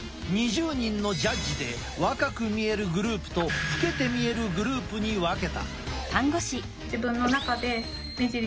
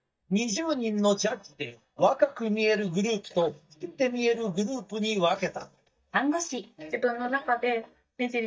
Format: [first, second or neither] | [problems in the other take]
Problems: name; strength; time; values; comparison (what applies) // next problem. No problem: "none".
first | noise reduction (neural mask model DeepFilterNet 3)